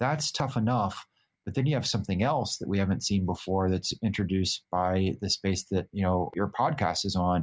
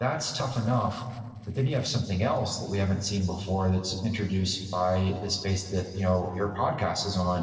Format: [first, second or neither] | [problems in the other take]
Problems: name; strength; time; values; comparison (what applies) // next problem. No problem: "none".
first | noise reduction (neural separator model SepFormer DNS4)